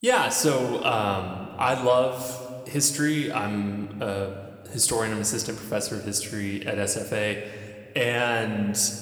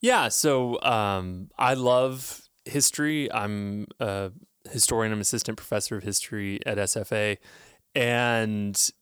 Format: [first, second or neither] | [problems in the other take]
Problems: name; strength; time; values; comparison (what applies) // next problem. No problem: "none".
second | room echo; slight; dies away in 1.5 s